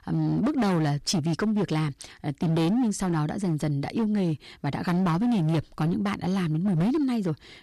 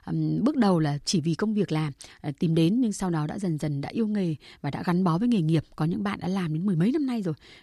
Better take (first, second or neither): second